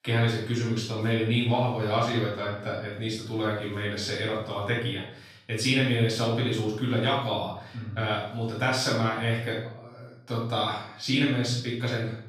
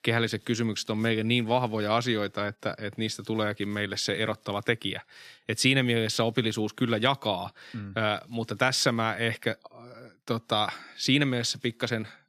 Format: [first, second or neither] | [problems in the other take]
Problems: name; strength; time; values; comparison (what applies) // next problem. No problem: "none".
second | off-mic speech; far // room echo; noticeable; dies away in 0.6 s